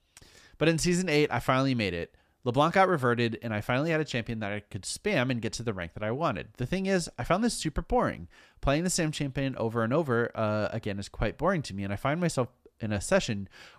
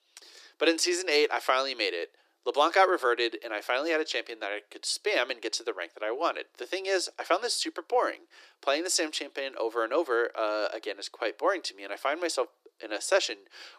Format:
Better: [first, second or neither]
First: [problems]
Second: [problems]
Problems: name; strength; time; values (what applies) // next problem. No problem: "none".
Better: first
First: none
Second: thin; very; fading below 300 Hz